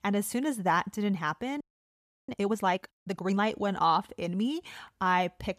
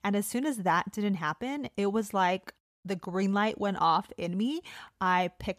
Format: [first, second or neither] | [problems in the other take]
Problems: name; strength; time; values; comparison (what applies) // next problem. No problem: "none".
second | audio freezing; at 1.5 s for 0.5 s